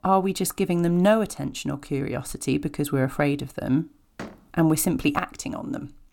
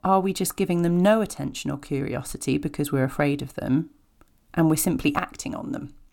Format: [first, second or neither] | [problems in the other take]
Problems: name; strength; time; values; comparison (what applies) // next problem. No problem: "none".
second | door banging; faint; at 4 s; peak 15 dB below the speech